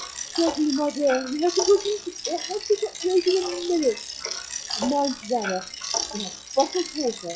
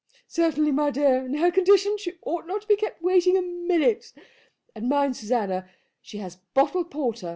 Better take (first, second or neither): second